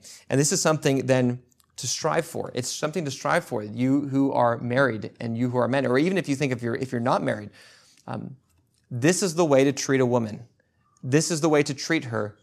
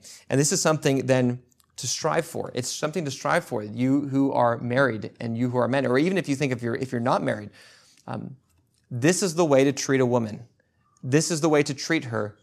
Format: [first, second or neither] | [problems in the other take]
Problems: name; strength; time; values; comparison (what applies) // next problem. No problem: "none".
neither | none